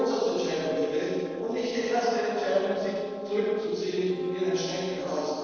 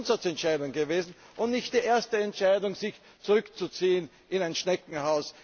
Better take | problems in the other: second | noise reduction (neural separator model SepFormer DNS4)

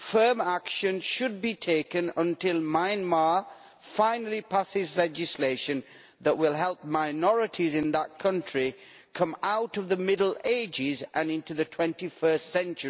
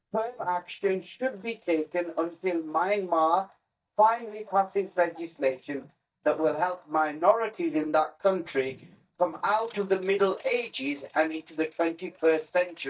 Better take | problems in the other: first | noise reduction (neural mask model DeepFilterNet 3)

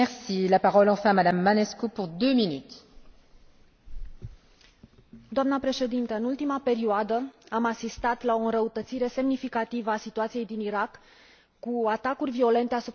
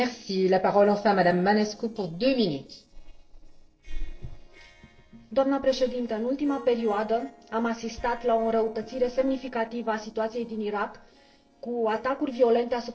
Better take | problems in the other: first | noise reduction (neural separator model SepFormer DNS4)

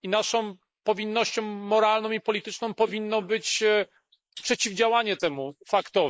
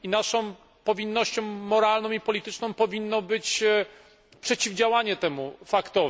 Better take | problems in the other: second | noise reduction (neural mask model Resemble Enhance denoiser)

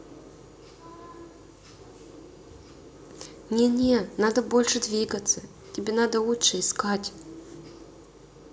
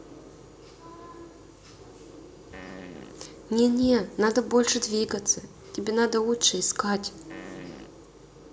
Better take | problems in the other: first | background sound (Fart); 16 dB below the speech

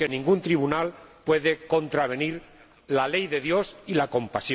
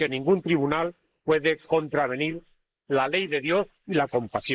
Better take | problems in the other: first | noise reduction (neural mask model Resemble Enhance denoiser)

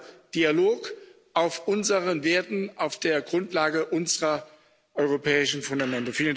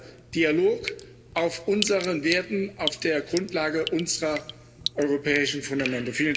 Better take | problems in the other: first | background sound (Drip); 11 dB below the speech // room echo; dies away in 1.3 s

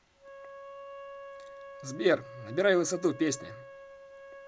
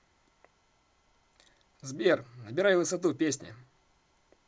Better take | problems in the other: second | background sound (Wind instrument, woodwind instrument); 15 dB below the speech

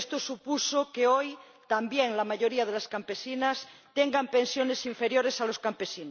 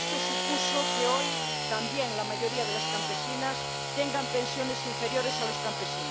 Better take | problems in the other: first | background sound (Sawing / Engine); 2 dB above the speech

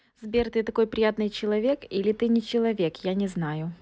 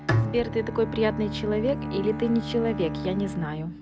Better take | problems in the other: first | background sound (Bowed string instrument + Bowed string instrument); 3 dB below the speech

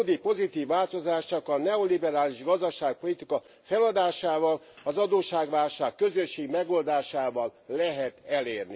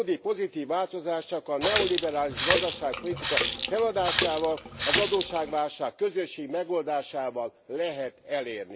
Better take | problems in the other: first | background sound (Water tap, faucet); 1 dB below the speech

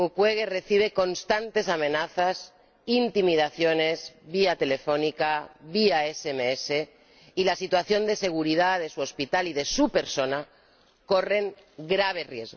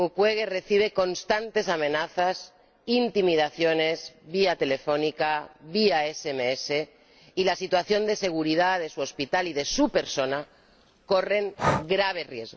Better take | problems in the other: first | background sound (Breathing); 9 dB below the speech

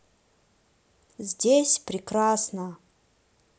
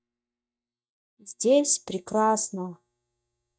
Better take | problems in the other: first | noise reduction (neural mask model DeepFilterNet 3)

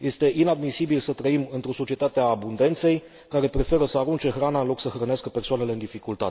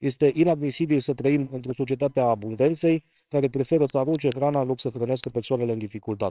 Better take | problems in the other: first | noise reduction (neural separator model SepFormer WHAMR!)

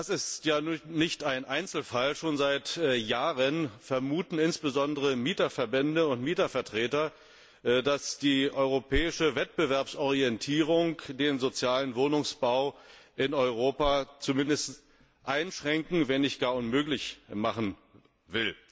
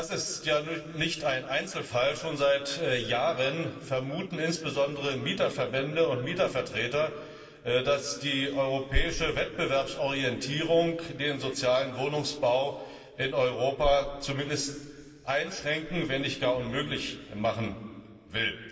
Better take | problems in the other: first | room echo; dies away in 1.9 s

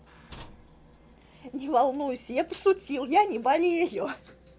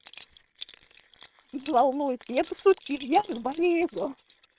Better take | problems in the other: first | noise reduction (neural separator model SepFormer WHAM!)

